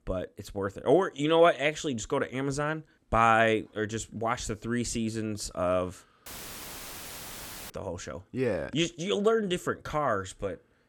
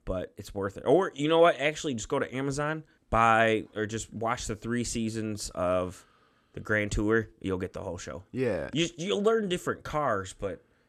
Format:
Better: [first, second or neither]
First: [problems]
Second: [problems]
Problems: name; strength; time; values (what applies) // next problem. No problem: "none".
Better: second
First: audio cutting out; filled with static; at 6.5 s for 1.5 s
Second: none